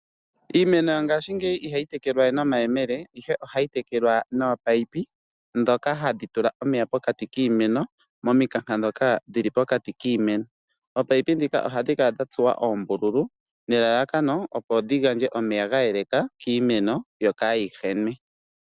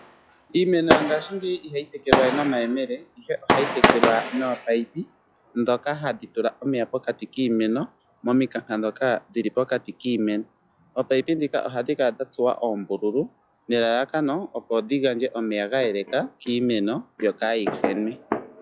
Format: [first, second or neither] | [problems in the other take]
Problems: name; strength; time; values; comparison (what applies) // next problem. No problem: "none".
first | noise reduction (classical method log-MMSE)